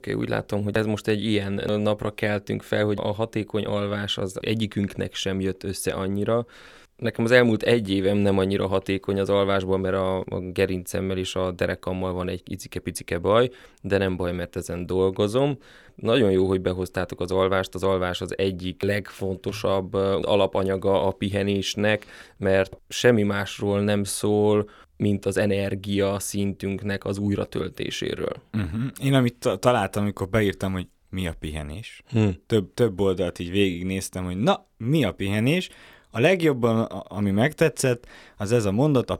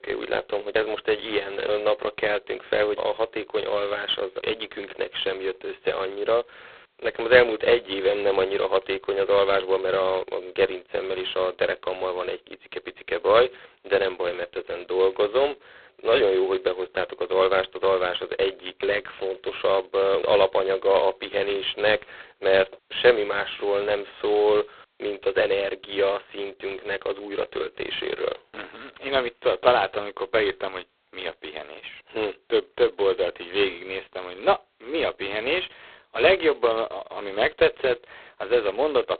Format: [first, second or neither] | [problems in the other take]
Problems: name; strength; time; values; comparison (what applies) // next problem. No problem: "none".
first | phone-call audio; poor line; nothing above 4 kHz